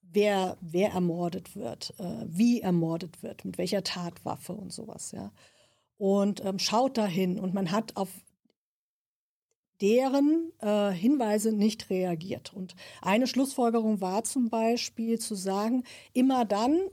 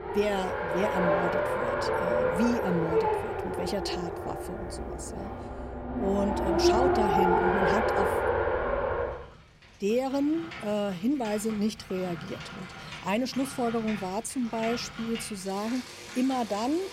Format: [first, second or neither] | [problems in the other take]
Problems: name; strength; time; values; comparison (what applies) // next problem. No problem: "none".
first | traffic noise; very loud; throughout; 2 dB above the speech